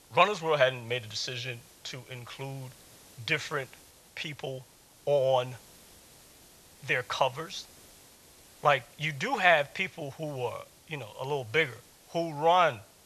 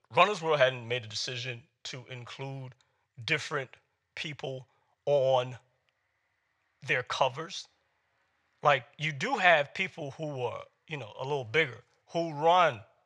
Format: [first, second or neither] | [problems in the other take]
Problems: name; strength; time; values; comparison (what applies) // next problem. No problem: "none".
second | hiss; faint; throughout; 25 dB below the speech